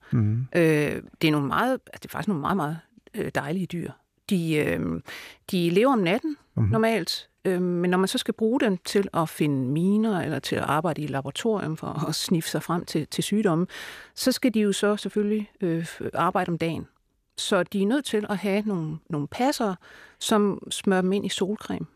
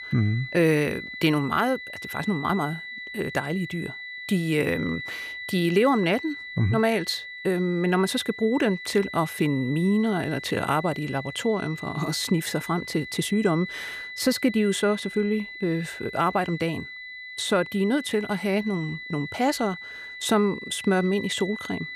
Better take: first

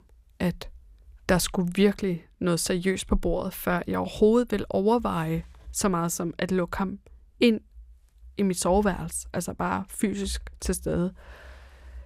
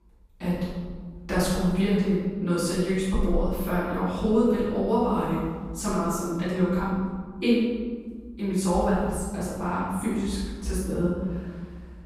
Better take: first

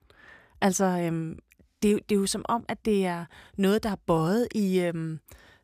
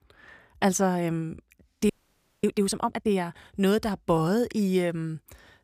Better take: first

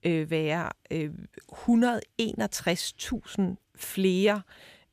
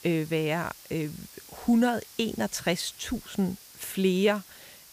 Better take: first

